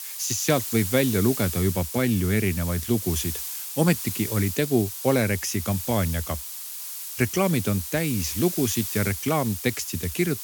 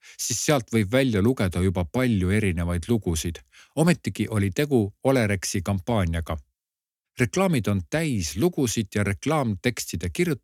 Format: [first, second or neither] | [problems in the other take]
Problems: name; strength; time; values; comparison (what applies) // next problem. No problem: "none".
second | hiss; loud; throughout; 6 dB below the speech